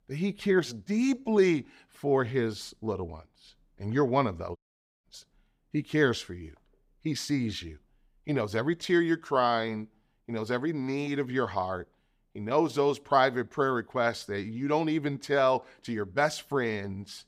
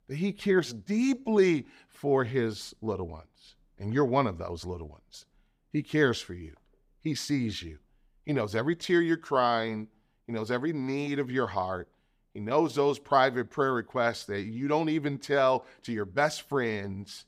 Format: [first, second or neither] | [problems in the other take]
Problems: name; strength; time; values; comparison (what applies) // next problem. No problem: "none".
second | audio cutting out; at 4.5 s